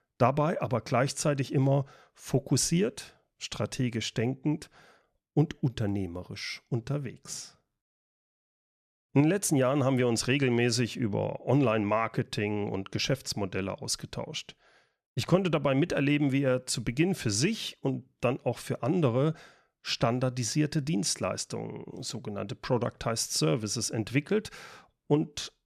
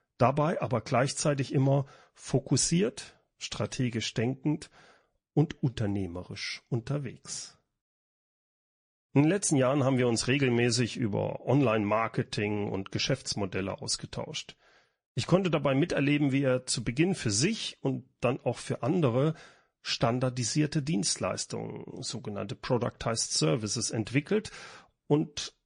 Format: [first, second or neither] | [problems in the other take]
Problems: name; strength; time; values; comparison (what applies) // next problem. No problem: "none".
first | garbled, watery; slightly; nothing above 10 kHz